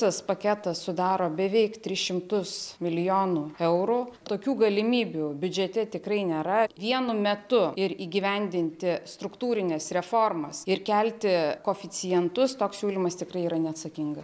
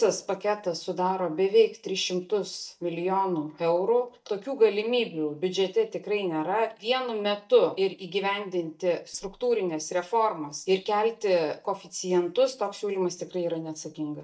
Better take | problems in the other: first | noise reduction (neural mask model DeepFilterNet 3)

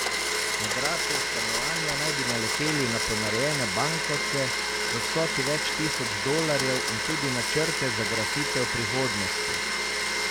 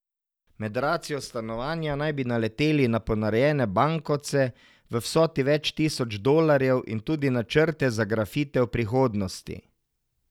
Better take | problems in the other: second | background sound (Domestic sounds, home sounds); 4 dB above the speech

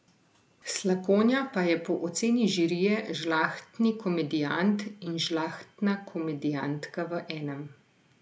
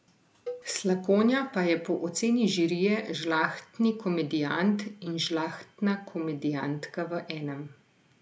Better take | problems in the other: first | background sound (Cowbell); 17 dB below the speech

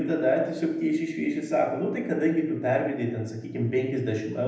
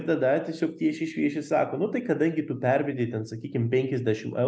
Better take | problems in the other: second | room echo; dies away in 0.8 s

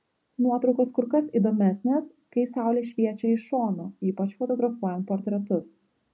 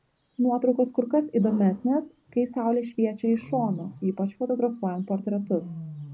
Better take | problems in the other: first | background sound (Wild animals); 18 dB below the speech

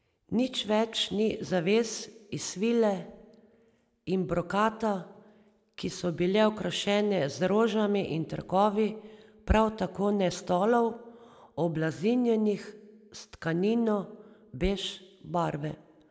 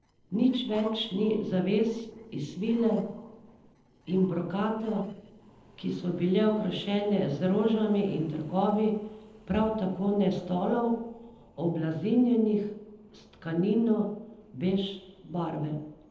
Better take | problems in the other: first | noise reduction (neural separator model SepFormer DNS4)

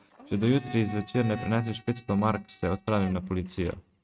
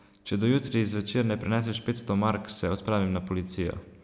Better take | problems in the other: second | noise reduction (neural mask model RNNoise)

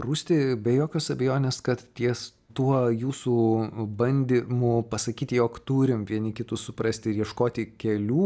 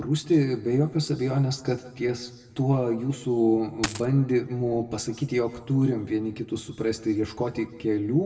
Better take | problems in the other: first | background sound (Coin (dropping)); 6 dB below the speech // room echo; dies away in 0.9 s

